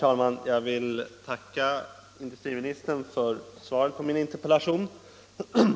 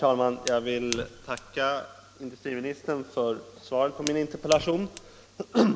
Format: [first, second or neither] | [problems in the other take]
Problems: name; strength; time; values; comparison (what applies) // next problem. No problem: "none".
first | background sound (Fire); 13 dB below the speech